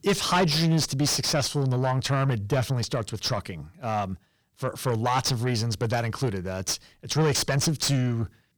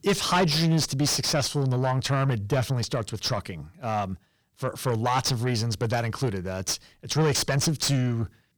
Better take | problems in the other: neither | distortion; heavy; 7 dB below the speech; the same in both

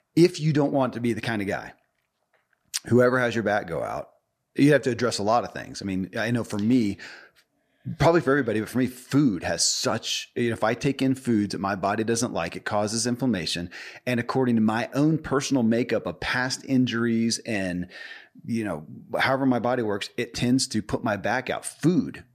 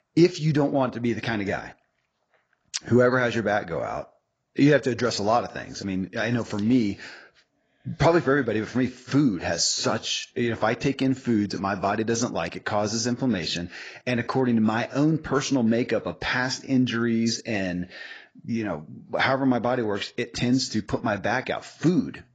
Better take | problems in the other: first | garbled, watery; badly; nothing above 7.5 kHz

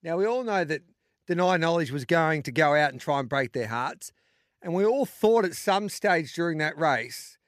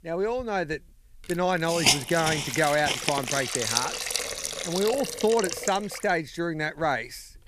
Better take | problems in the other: first | hiss; loud; throughout; as loud as the speech

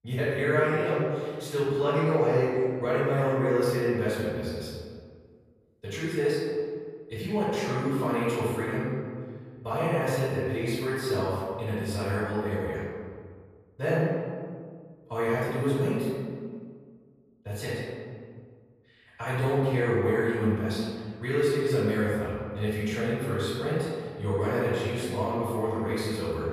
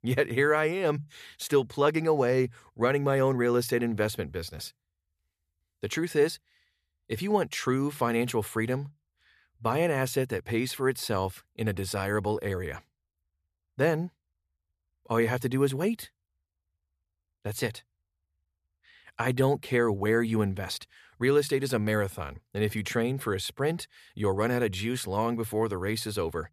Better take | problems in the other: second | room echo; strong; dies away in 1.8 s // off-mic speech; far

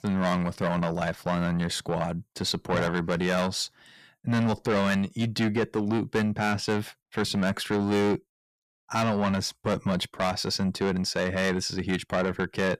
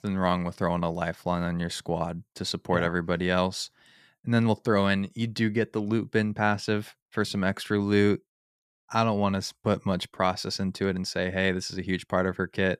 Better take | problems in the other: second | distortion; heavy; 7 dB below the speech

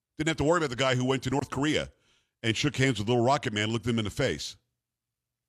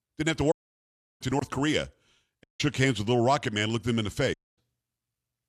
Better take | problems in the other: first | audio cutting out; at 0.5 s for 0.5 s, at 2.5 s and at 4.5 s

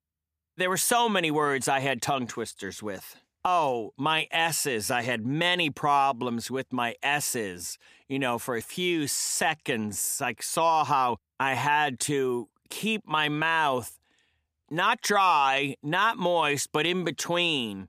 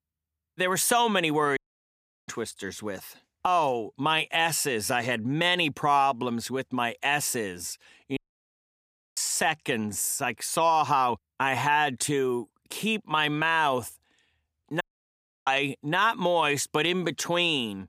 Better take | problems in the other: first | audio cutting out; at 1.5 s for 0.5 s, at 8 s for 1 s and at 15 s for 0.5 s

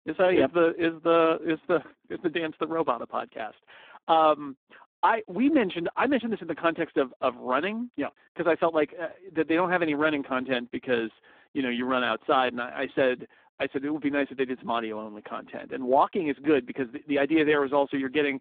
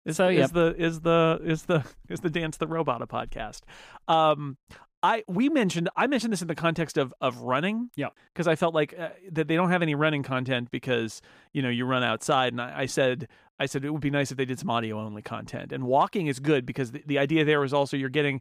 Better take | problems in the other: second | phone-call audio; poor line

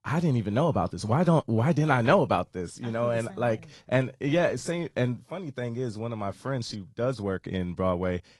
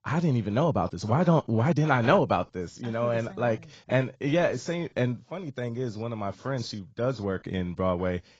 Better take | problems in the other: first | garbled, watery; badly; nothing above 7.5 kHz; slightly in the first

